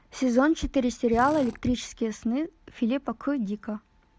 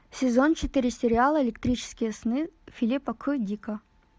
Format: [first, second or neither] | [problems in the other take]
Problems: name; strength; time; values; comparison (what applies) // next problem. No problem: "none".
second | background sound (Drill); 16 dB below the speech